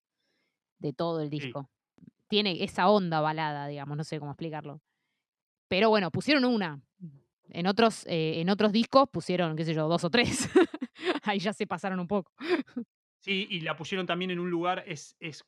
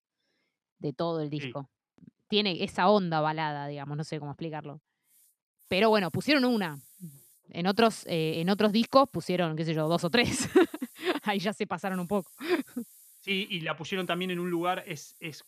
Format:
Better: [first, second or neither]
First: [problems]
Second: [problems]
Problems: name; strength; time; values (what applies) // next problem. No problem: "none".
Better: first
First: none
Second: hiss; faint; from 5 s on; 25 dB below the speech